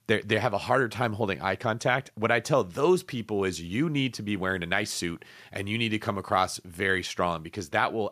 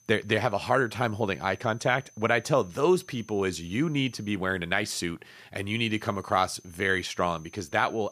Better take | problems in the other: first | high-pitched whine; faint; until 4.5 s and from 5.5 s on; 6 kHz, 25 dB below the speech

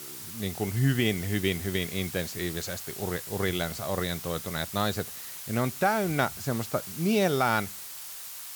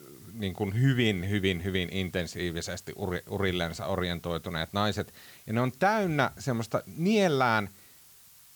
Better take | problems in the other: second | hiss; loud; throughout; 8 dB below the speech; faint in the second

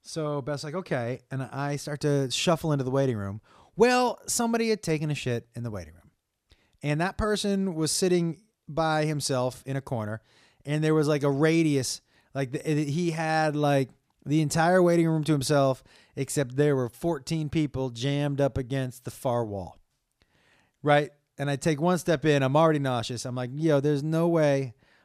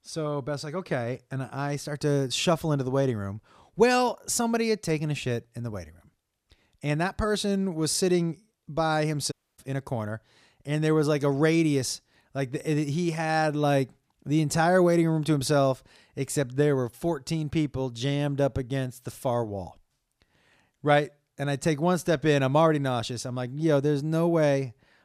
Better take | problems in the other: first | audio cutting out; at 9.5 s

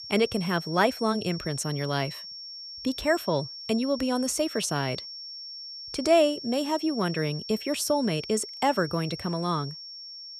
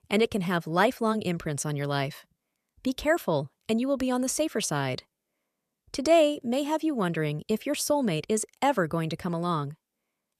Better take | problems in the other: second | high-pitched whine; noticeable; throughout; 5.5 kHz, 10 dB below the speech

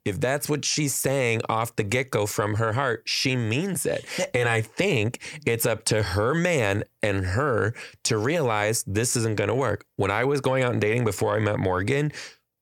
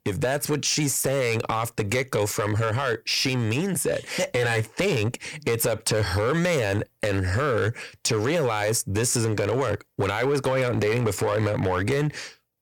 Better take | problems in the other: first | distortion; slight; 8% of the sound clipped

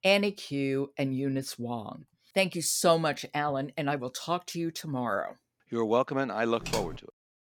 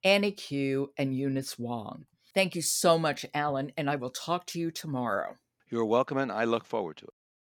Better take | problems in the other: second | keyboard typing; noticeable; at 6.5 s; peak 6 dB below the speech

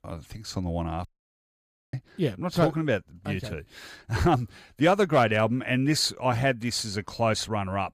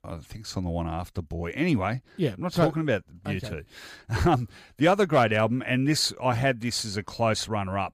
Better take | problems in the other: second | audio cutting out; at 1 s for 1 s

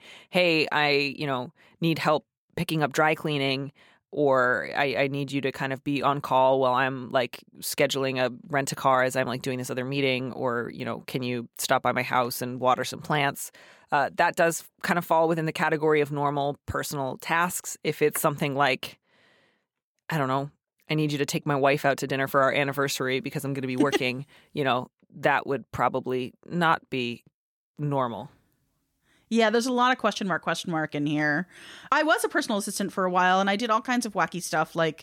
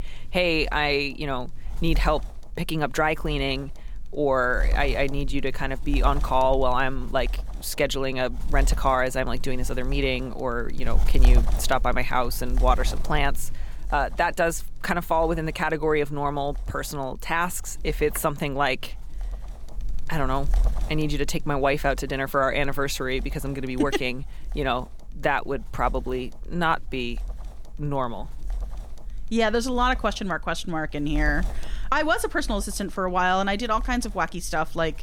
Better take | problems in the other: first | wind noise on the microphone; occasional gusts; 20 dB below the speech

